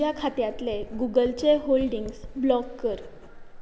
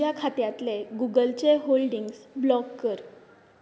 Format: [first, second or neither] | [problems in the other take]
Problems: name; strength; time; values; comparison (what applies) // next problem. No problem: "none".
second | background sound (Writing); 14 dB below the speech